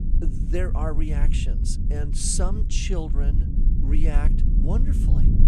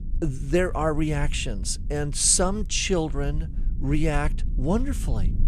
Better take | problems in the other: second | low rumble; loud; throughout; 7 dB below the speech; faint in the second

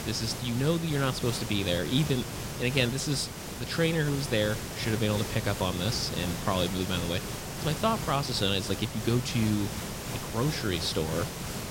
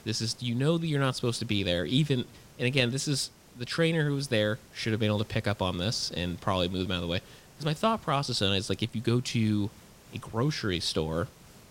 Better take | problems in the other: second | hiss; loud; throughout; 6 dB below the speech; faint in the second

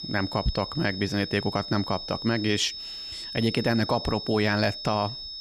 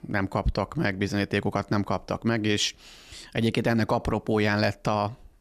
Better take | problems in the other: second | high-pitched whine; loud; throughout; 5.5 kHz, 8 dB below the speech

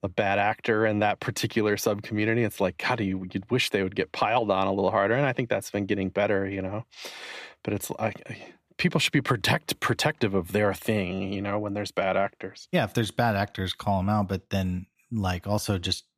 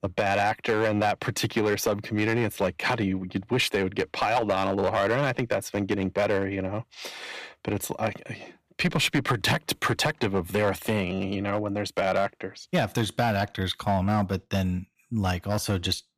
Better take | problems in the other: first | distortion; slight; 5% of the sound clipped

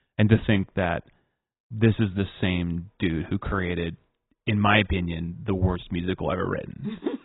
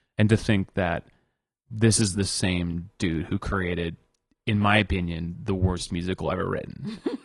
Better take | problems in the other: second | garbled, watery; badly; nothing above 4 kHz; slightly in the second

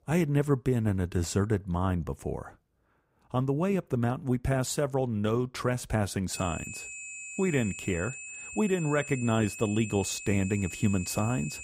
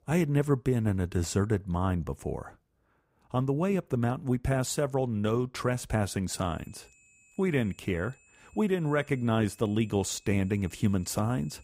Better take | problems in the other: second | high-pitched whine; loud; from 6.5 s on; 2.5 kHz, 10 dB below the speech; faint in the second

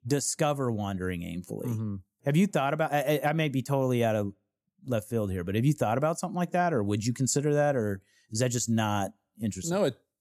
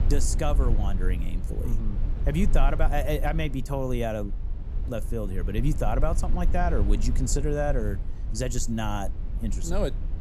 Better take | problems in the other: first | low rumble; noticeable; throughout; 15 dB below the speech

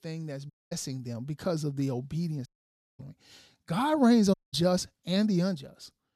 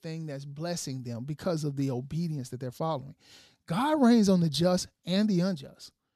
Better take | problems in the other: second | audio cutting out; at 0.5 s, at 2.5 s for 0.5 s and at 4.5 s

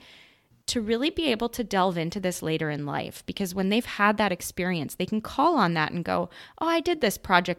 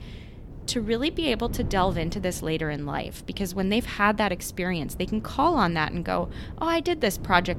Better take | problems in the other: first | wind noise on the microphone; occasional gusts; 20 dB below the speech

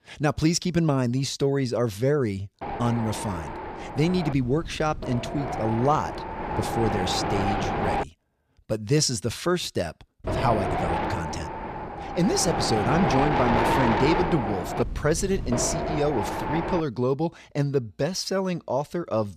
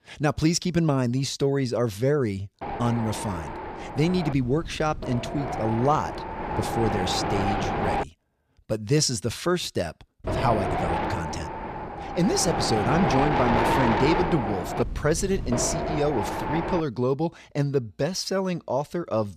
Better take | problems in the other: neither | wind noise on the microphone; heavy; from 2.5 to 8 s and from 10 to 17 s; as loud as the speech; the same in both

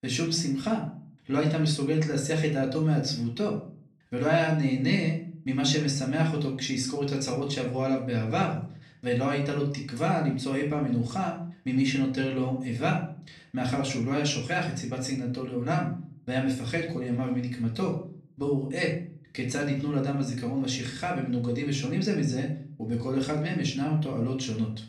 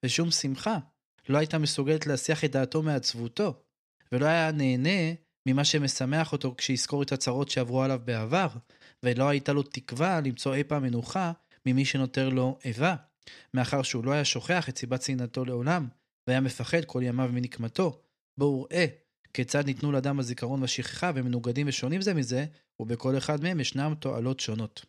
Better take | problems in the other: second | off-mic speech; far // room echo; slight; dies away in 0.4 s

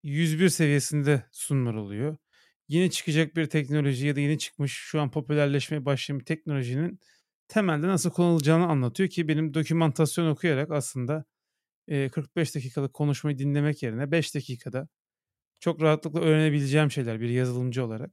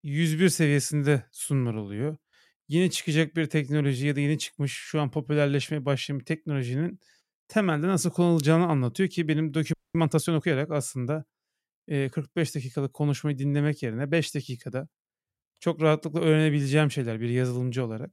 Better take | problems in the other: first | audio freezing; at 9.5 s

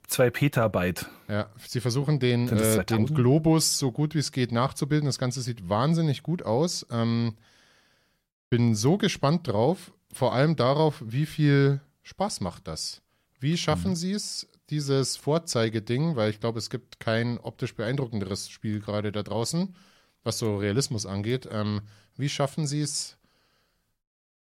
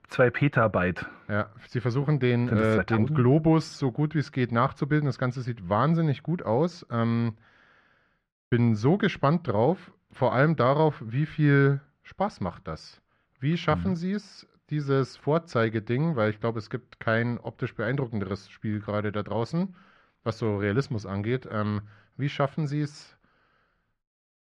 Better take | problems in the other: first | muffled; very; fading above 2 kHz

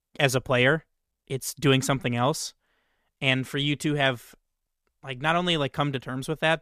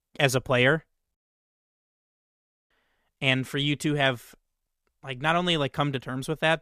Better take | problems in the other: first | audio cutting out; at 1 s for 1.5 s

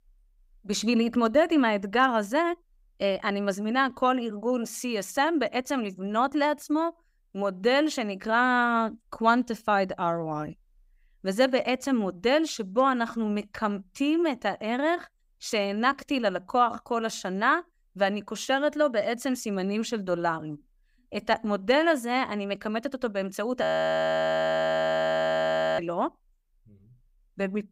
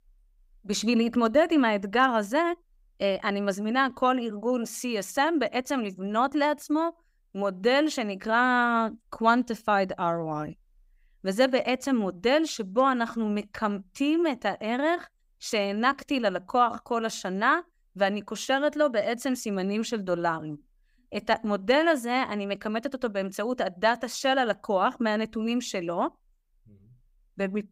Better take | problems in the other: second | audio freezing; at 24 s for 2 s

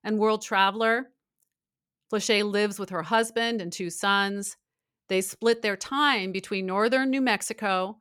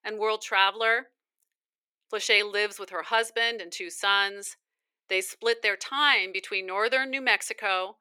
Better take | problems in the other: first | thin; very; fading below 350 Hz

